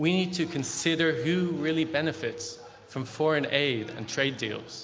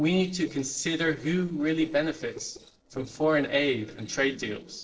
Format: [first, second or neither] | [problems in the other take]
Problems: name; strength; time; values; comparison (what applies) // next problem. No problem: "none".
first | noise reduction (neural separator model SepFormer DNS4)